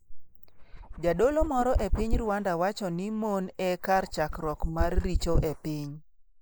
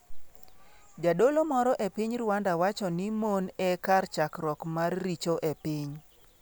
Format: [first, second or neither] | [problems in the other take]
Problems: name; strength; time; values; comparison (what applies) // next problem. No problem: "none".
second | noise reduction (neural mask model Resemble Enhance denoiser)